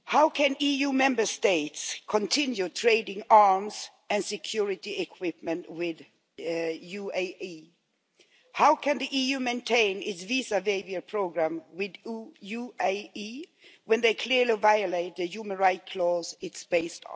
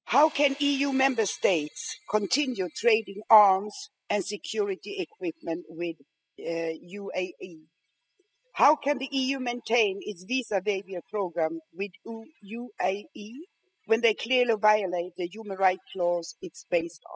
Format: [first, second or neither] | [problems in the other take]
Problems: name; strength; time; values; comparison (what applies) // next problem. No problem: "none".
first | noise reduction (classical method spectral subtraction)